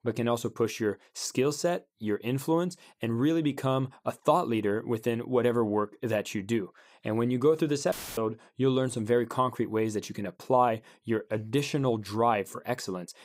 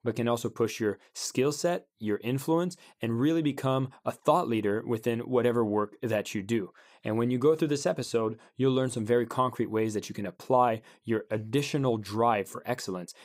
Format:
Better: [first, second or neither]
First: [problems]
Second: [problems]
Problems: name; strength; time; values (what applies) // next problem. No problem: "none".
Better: second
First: audio cutting out; filled with static; at 8 s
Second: none